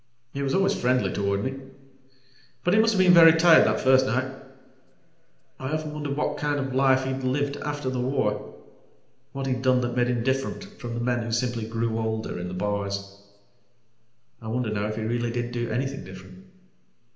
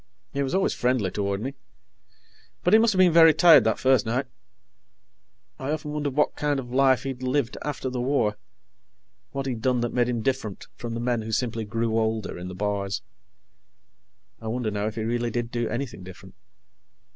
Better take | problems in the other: second | room echo; dies away in 0.8 s

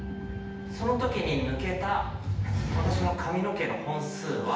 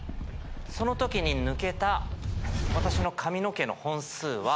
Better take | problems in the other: second | background sound (Organ); 14 dB below the speech // room echo; dies away in 0.9 s

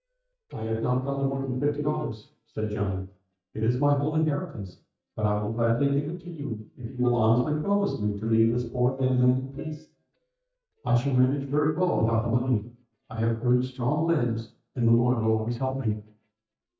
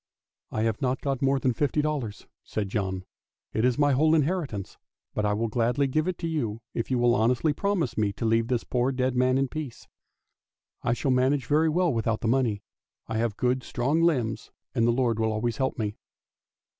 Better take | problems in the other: second | noise reduction (neural mask model DeepFilterNet 3)

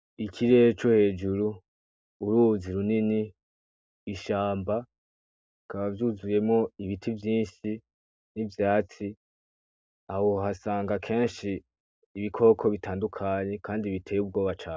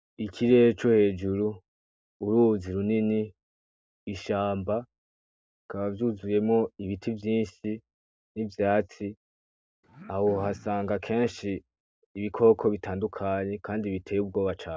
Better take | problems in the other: first | background sound (Cough); 19 dB below the speech

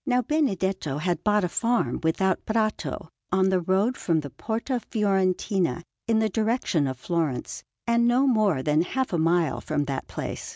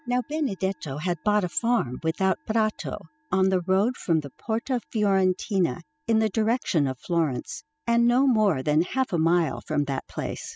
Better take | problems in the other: first | noise reduction (classical method spectral subtraction)

